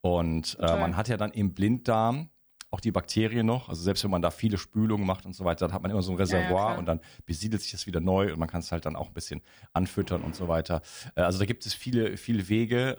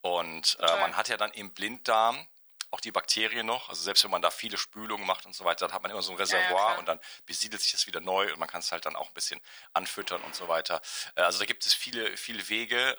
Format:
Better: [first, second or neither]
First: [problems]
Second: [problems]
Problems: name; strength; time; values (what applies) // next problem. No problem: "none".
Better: first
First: none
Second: thin; very; fading below 950 Hz